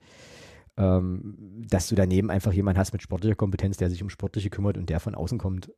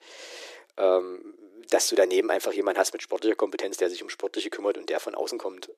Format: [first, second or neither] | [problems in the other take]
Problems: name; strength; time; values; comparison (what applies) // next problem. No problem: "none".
first | thin; very; fading below 350 Hz